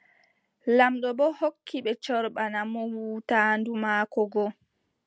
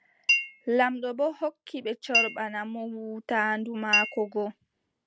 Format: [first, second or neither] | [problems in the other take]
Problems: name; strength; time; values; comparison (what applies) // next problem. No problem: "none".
first | background sound (Chink, clink); as loud as the speech